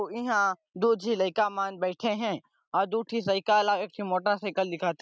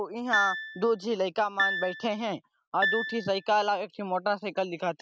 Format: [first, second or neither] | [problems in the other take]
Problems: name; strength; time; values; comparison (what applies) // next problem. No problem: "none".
first | background sound (Piano); 4 dB below the speech